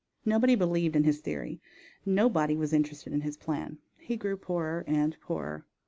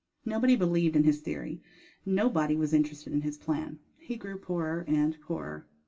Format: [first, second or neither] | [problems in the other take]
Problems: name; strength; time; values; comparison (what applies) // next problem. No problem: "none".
first | room echo; dies away in 0.2 s